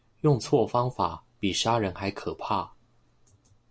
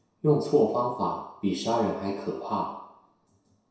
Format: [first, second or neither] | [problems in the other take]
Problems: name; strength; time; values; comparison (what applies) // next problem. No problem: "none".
first | room echo; dies away in 0.7 s